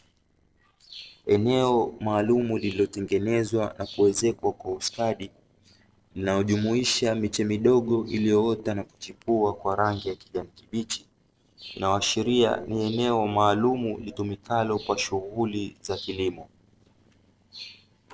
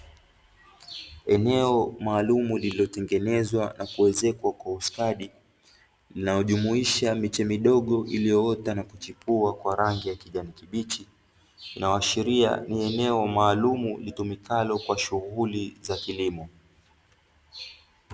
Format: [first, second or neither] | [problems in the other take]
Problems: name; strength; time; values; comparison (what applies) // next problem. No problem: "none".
second | noise reduction (neural separator model SepFormer DNS4)